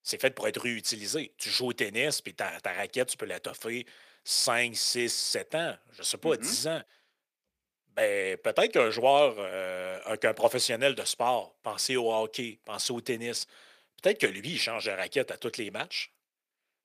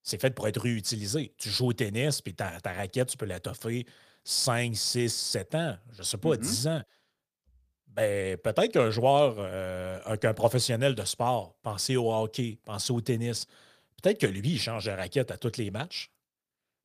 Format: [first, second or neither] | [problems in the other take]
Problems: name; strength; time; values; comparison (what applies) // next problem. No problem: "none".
second | thin; somewhat; fading below 350 Hz